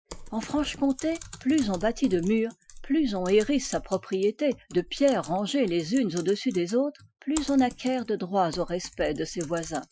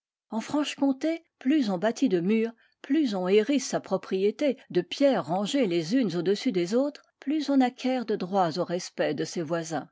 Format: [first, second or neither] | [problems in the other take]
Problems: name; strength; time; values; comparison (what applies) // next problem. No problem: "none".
second | noise reduction (classical method Wiener filter)